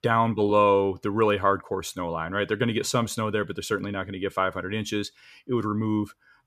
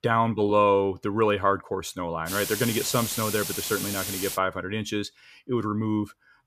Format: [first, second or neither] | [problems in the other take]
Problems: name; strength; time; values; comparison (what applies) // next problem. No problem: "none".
first | hiss; very faint; from 2.5 to 4.5 s; 4 dB below the speech